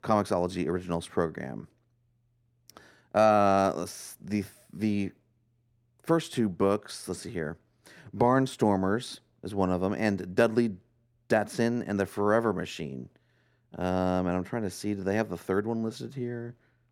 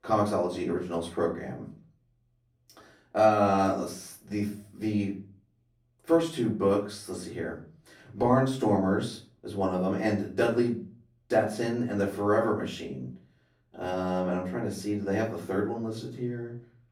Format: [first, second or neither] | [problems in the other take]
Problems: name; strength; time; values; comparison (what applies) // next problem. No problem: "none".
first | off-mic speech; far // room echo; slight; dies away in 0.3 s